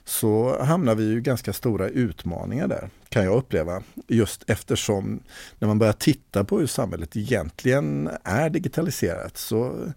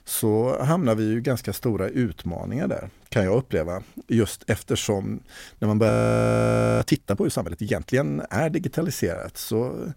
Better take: first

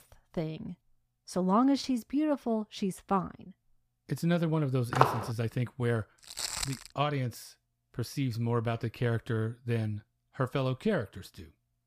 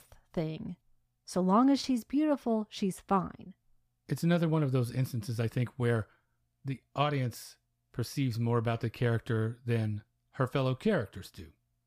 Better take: second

